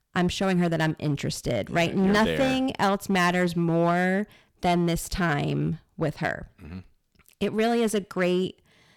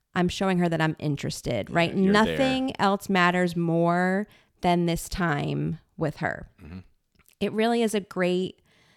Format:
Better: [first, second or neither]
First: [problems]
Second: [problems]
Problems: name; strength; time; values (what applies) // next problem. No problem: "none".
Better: second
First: distortion; slight; 6% of the sound clipped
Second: none